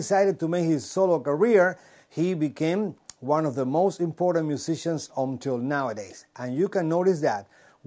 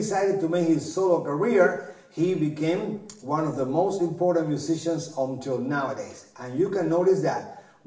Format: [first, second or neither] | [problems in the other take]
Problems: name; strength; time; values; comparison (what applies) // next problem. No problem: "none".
first | room echo; dies away in 0.7 s